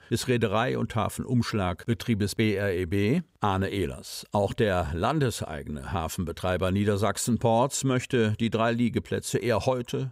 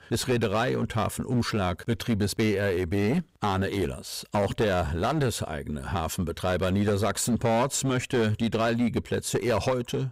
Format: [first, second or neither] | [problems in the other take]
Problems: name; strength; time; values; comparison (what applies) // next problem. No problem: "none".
first | distortion; slight; 10% of the sound clipped